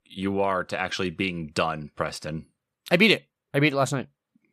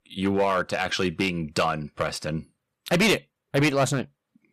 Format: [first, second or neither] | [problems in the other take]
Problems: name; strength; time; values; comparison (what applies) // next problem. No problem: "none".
first | distortion; heavy; 5% of the sound clipped